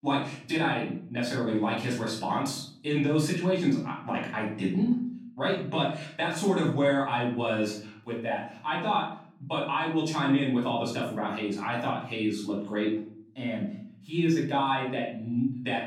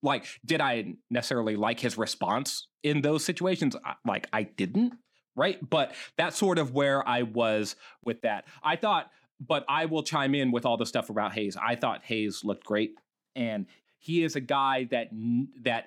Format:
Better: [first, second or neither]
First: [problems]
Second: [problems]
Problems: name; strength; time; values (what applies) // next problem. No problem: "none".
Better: second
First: room echo; noticeable; dies away in 0.6 s // off-mic speech; far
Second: none